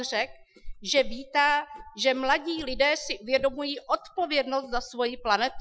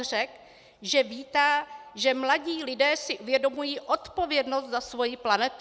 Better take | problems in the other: second | noise reduction (classical method Wiener filter)

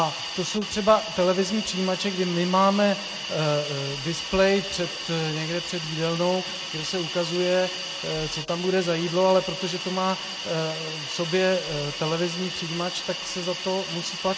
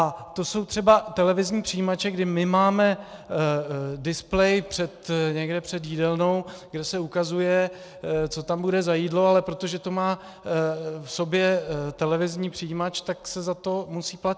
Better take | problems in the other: second | background sound (Hiss); 7 dB below the speech // room echo; dies away in 1.9 s

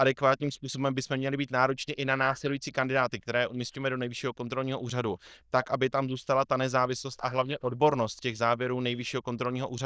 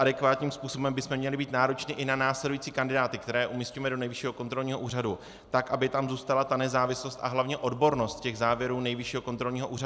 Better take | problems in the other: second | noise reduction (neural diffusion model UNIVERSE++)

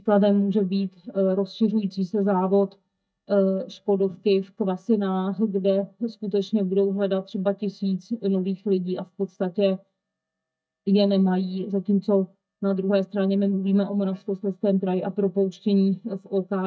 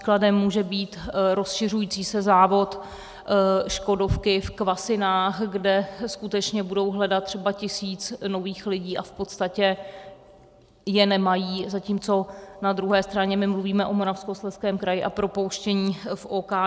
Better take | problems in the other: second | noise reduction (neural mask model DeepFilterNet 3)

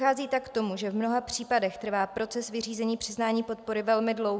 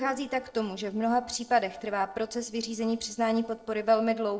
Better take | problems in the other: first | noise reduction (neural separator model SepFormer DNS4)

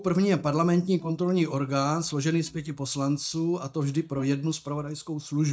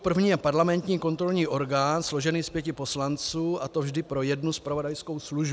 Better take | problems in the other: second | noise reduction (neural mask model DeepFilterNet 3)

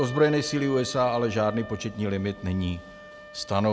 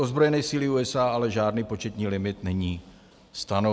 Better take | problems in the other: second | background sound (Wind instrument, woodwind instrument); 17 dB below the speech

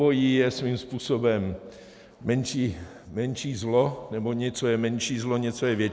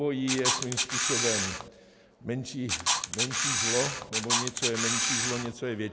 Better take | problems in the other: first | background sound (Camera); 4 dB above the speech

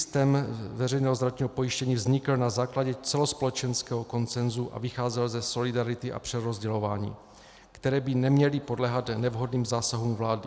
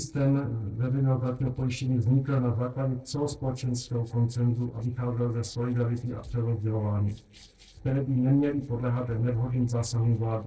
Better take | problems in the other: first | noise reduction (neural separator model SepFormer DNS4)

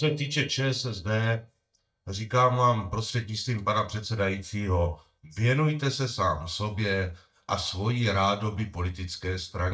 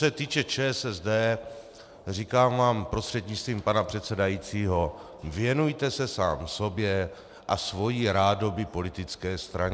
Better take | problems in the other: second | noise reduction (neural mask model DeepFilterNet 3)

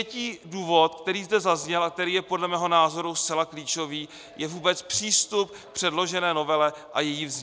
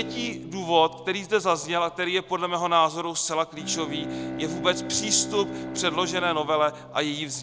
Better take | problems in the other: first | background sound (Bowed string instrument); 11 dB below the speech

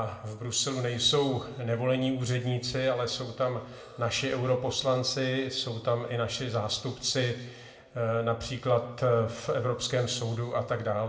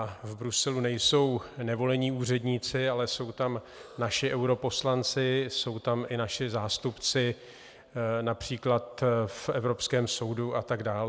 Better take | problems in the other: second | room echo; dies away in 0.8 s

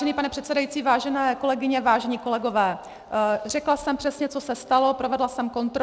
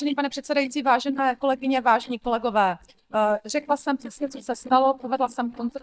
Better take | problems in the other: first | noise reduction (neural mask model DeepFilterNet 3)

